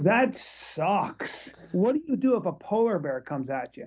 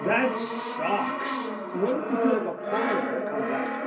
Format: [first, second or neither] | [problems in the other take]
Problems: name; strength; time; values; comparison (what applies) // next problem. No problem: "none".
first | background sound (Brass instrument); as loud as the speech // room echo; dies away in 0.3 s